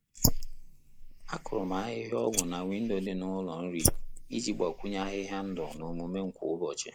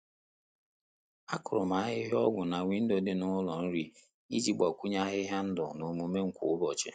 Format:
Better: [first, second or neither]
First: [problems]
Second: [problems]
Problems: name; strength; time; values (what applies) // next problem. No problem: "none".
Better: second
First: noise reduction (neural mask model Resemble Enhance denoiser)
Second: none